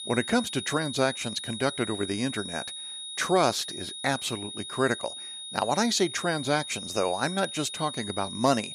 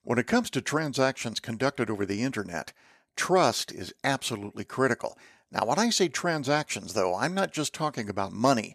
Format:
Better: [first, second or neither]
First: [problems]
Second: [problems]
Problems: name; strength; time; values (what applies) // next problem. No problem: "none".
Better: second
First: high-pitched whine; loud; throughout; 3.5 kHz, 7 dB below the speech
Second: none